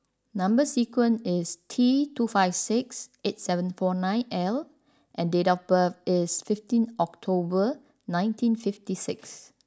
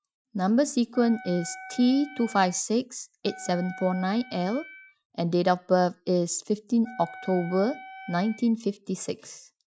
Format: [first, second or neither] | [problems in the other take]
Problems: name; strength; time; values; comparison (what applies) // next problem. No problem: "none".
first | noise reduction (classical method Wiener filter)